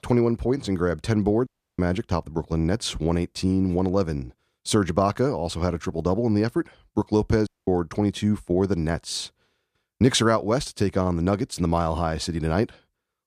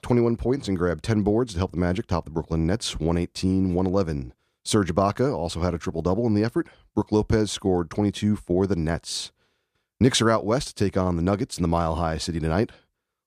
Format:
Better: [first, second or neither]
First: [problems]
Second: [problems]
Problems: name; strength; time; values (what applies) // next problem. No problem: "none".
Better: second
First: audio cutting out; at 1.5 s and at 7.5 s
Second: none